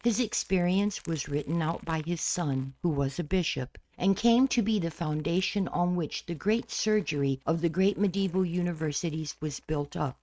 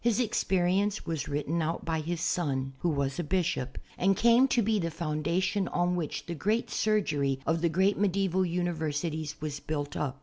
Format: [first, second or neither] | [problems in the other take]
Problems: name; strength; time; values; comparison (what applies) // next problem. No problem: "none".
second | noise reduction (neural mask model RNNoise)